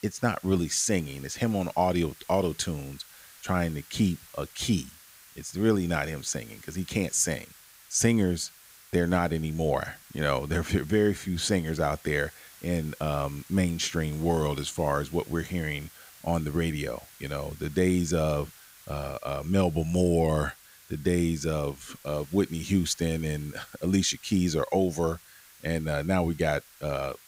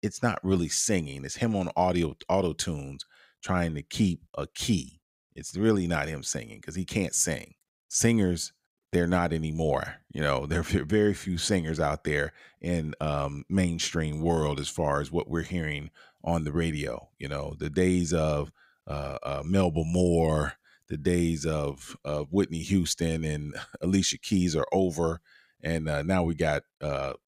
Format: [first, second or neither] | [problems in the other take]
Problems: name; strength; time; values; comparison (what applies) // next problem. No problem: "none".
second | hiss; faint; throughout; 20 dB below the speech